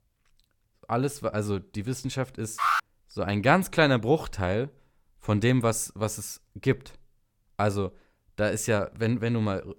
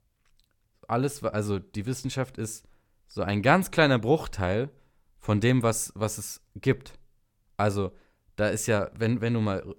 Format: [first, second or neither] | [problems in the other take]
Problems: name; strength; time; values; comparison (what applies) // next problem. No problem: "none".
second | alarm; loud; at 2.5 s; peak 2 dB above the speech